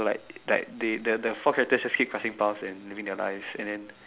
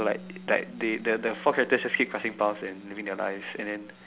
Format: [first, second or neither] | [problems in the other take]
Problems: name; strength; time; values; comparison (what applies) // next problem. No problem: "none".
first | background sound (Bass guitar); 19 dB below the speech